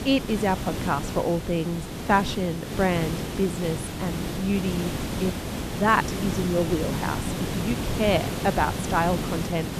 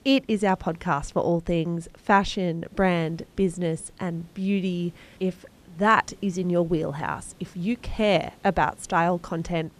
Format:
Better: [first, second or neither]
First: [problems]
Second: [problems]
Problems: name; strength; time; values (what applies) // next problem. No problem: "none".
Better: second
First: hiss; loud; throughout; 4 dB below the speech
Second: hiss; faint; throughout; 30 dB below the speech